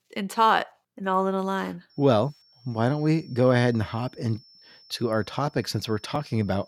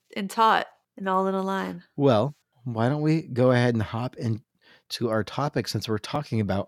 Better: second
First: high-pitched whine; faint; from 2 s on; 5.5 kHz, 25 dB below the speech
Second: none

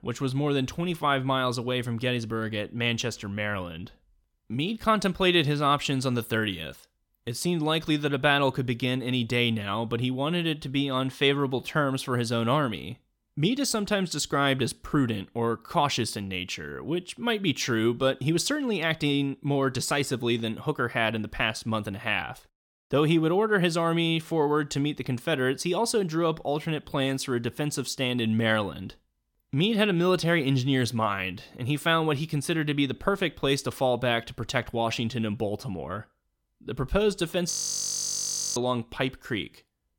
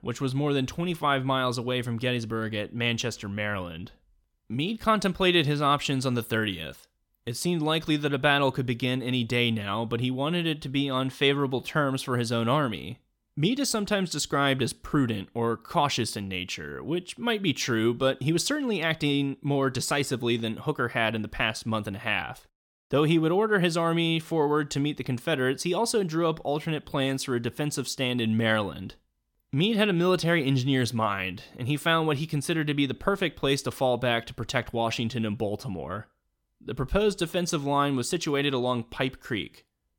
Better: second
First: audio freezing; at 38 s for 1 s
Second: none

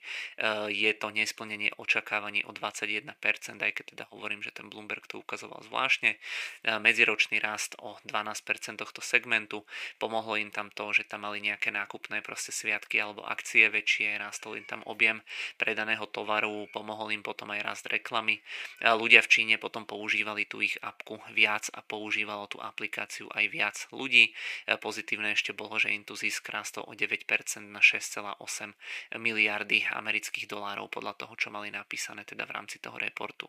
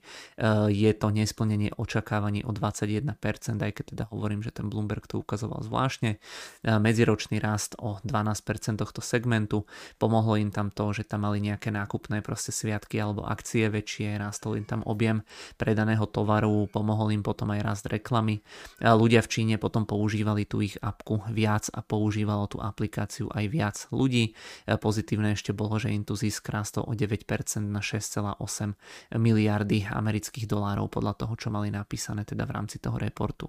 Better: second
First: thin; very; fading below 500 Hz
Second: none

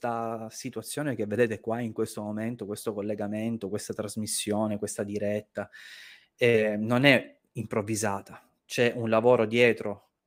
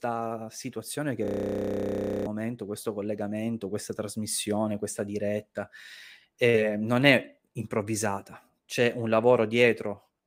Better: first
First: none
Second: audio freezing; at 1.5 s for 1 s

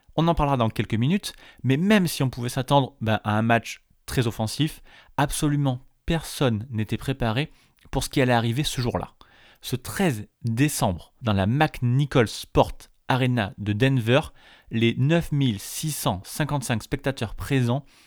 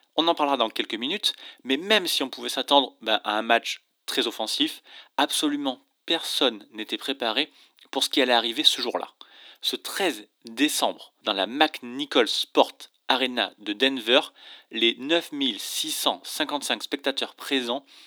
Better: first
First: none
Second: thin; somewhat; fading below 300 Hz

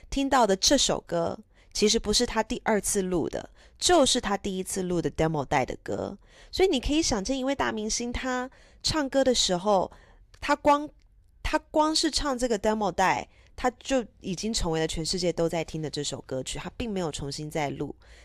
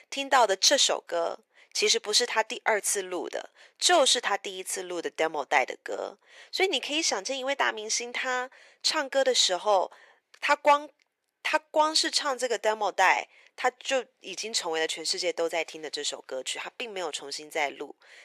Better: first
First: none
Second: thin; very; fading below 450 Hz

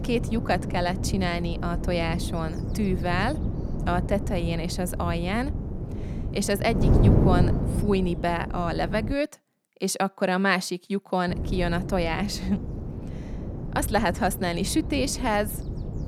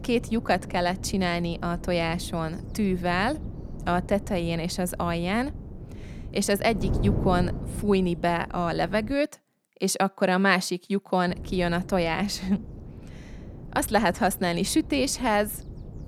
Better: second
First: wind noise on the microphone; heavy; until 9 s and from 11 s on; 9 dB below the speech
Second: wind noise on the microphone; occasional gusts; until 9 s and from 11 s on; 20 dB below the speech

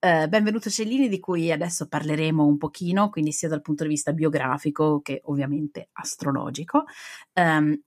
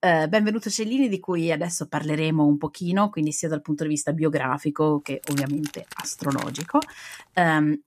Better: first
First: none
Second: jangling keys; faint; from 5 to 7 s; peak 10 dB below the speech

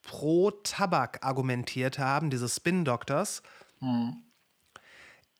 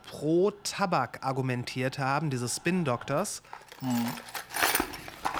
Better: first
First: none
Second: machinery noise; loud; throughout; 1 dB below the speech

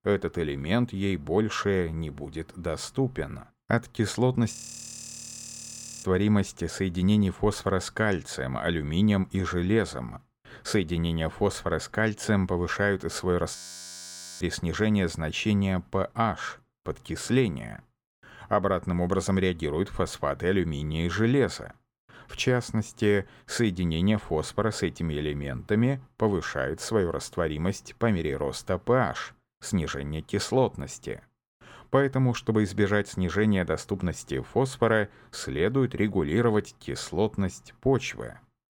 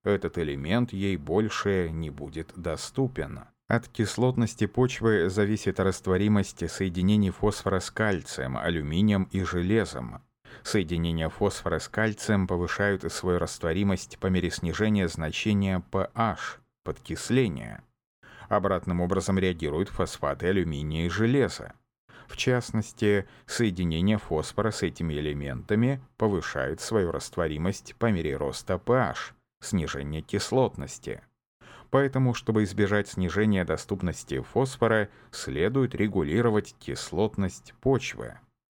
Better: second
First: audio freezing; at 4.5 s for 1.5 s and at 14 s for 1 s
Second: none

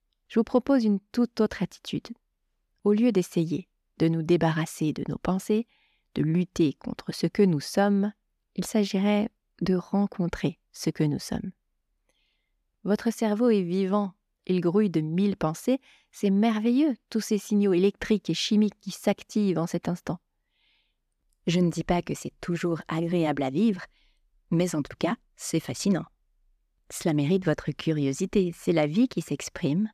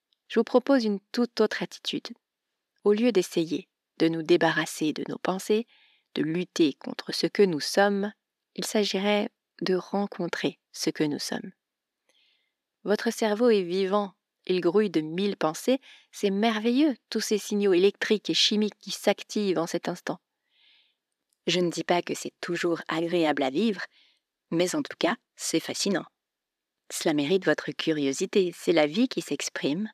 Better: first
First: none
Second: thin; very slightly; fading below 350 Hz

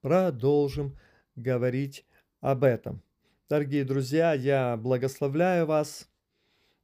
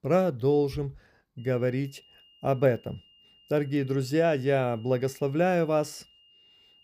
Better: first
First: none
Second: high-pitched whine; faint; from 1.5 s on; 3 kHz, 30 dB below the speech

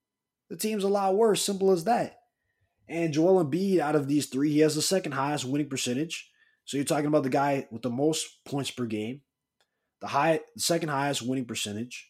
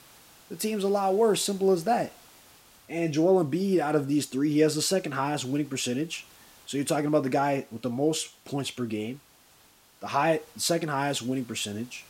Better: first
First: none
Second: hiss; faint; throughout; 25 dB below the speech

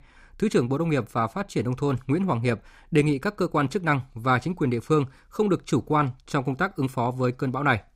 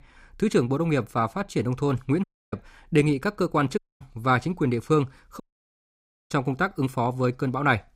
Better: first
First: none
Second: audio cutting out; at 2 s, at 4 s and at 5.5 s for 1 s

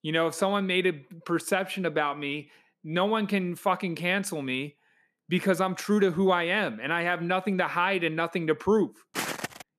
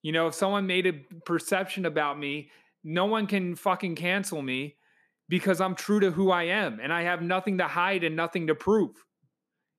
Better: second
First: footsteps; noticeable; at 9 s; peak 5 dB below the speech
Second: none

